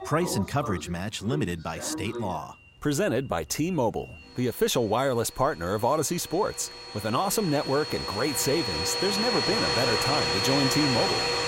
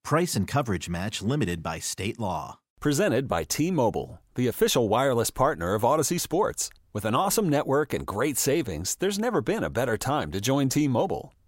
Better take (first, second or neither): second